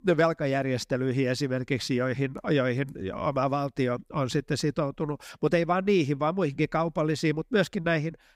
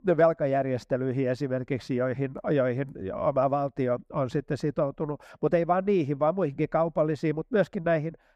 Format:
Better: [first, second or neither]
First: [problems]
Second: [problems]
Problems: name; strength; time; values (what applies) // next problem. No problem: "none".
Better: first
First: none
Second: muffled; very; fading above 2.5 kHz